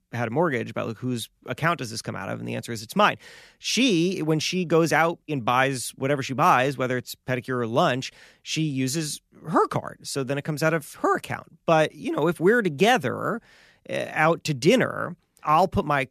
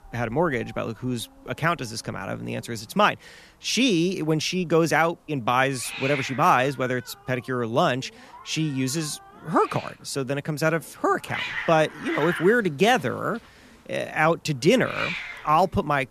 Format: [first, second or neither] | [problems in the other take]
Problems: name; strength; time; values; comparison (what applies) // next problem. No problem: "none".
first | hiss; noticeable; throughout; 10 dB below the speech